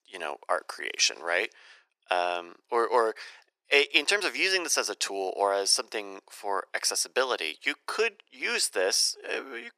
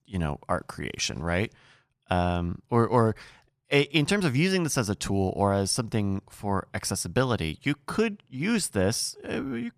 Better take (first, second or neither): second